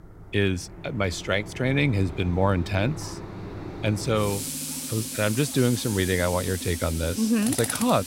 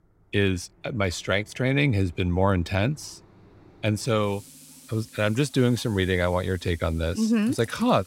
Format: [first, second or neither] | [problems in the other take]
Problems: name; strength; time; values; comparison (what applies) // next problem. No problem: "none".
second | machinery noise; loud; throughout; 7 dB below the speech; faint in the second